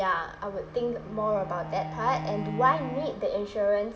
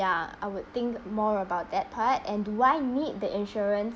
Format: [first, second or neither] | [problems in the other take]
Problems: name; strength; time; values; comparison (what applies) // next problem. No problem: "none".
second | background sound (Bowed string instrument); 11 dB below the speech // room echo; dies away in 2.6 s